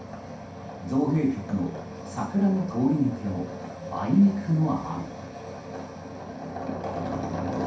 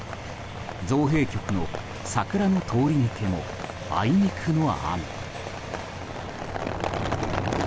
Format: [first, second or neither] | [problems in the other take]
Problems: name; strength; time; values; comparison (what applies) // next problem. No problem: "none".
second | room echo; dies away in 0.6 s